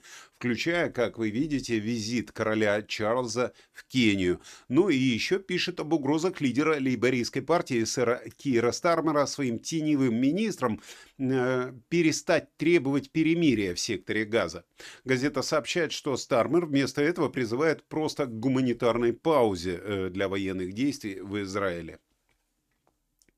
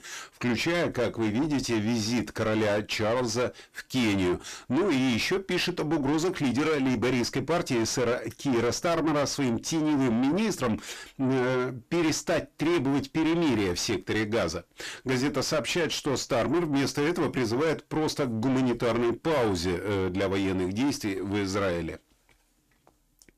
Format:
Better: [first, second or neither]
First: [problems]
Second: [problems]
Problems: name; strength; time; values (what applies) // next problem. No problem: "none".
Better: first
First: none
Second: distortion; heavy; 6 dB below the speech